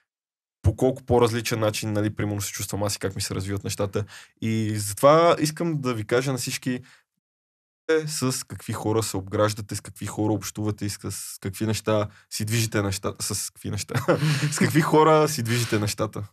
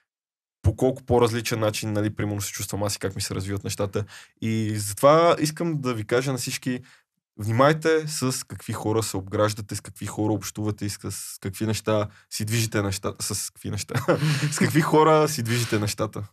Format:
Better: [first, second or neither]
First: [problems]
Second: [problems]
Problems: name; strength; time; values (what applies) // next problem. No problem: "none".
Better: second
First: audio cutting out; at 7 s for 0.5 s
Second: none